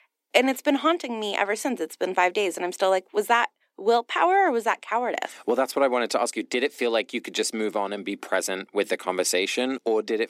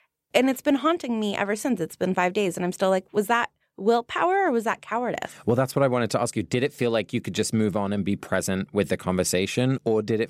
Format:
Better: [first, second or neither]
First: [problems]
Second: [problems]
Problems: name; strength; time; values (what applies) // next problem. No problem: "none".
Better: second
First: thin; very slightly; fading below 250 Hz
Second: none